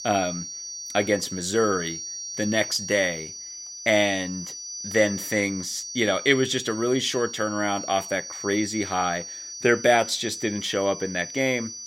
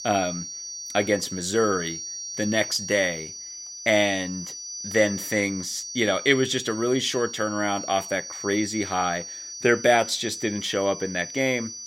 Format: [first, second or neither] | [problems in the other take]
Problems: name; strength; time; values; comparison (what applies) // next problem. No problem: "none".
neither | high-pitched whine; loud; throughout; 6 kHz, 9 dB below the speech; the same in both